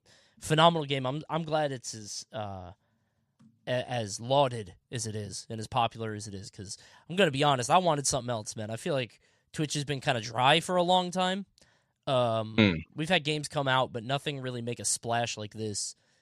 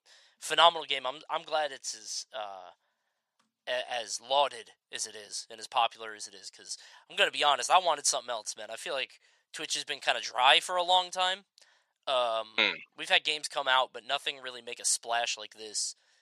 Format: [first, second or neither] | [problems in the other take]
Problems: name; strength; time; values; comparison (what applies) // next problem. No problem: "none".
first | thin; very; fading below 800 Hz